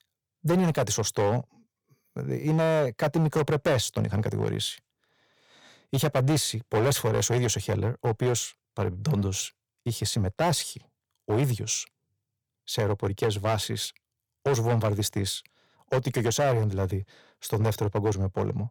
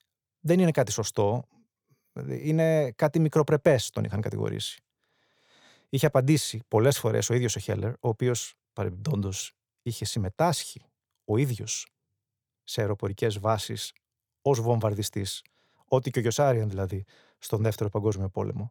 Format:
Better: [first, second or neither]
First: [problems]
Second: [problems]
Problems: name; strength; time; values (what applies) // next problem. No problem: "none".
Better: second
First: distortion; heavy; 8% of the sound clipped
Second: none